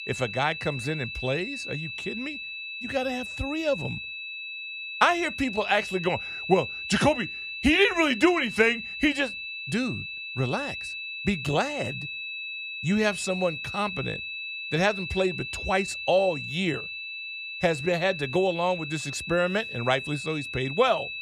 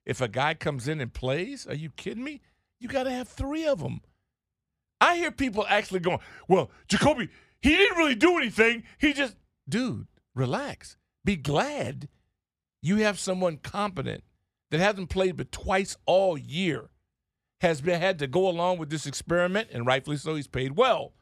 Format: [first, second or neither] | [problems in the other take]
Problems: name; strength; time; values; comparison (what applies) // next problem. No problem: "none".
second | high-pitched whine; loud; throughout; 2.5 kHz, 7 dB below the speech